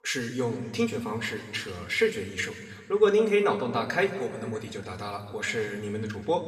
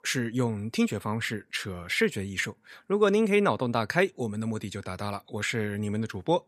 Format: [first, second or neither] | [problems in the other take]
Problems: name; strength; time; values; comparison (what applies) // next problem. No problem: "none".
second | room echo; slight; dies away in 1.8 s // off-mic speech; somewhat distant